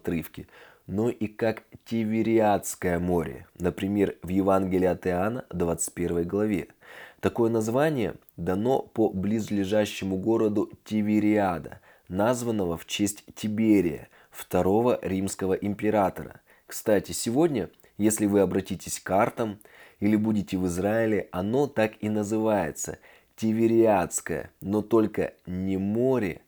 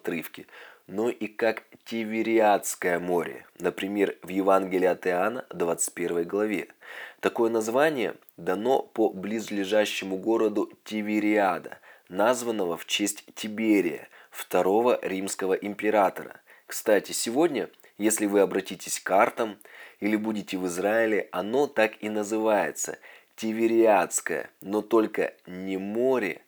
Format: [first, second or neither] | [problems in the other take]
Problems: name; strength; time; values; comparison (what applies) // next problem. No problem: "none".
first | thin; very slightly; fading below 300 Hz